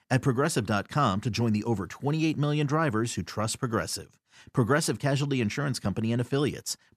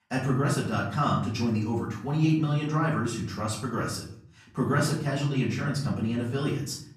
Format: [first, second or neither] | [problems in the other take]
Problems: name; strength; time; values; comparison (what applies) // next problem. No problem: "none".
first | off-mic speech; far // room echo; slight; dies away in 0.6 s